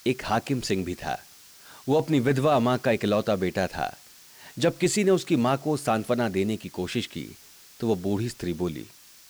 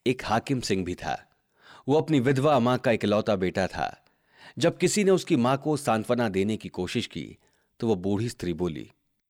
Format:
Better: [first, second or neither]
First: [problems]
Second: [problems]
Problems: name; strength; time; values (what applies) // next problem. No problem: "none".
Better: second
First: hiss; faint; throughout; 20 dB below the speech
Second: none